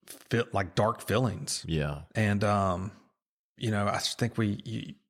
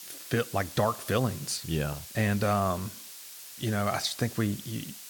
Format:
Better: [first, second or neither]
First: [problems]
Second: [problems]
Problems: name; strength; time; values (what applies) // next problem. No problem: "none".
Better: first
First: none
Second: hiss; noticeable; throughout; 10 dB below the speech